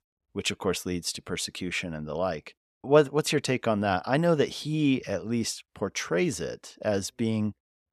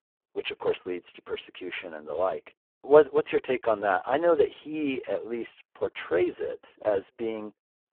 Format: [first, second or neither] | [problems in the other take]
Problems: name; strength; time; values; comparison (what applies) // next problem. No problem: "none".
first | phone-call audio; poor line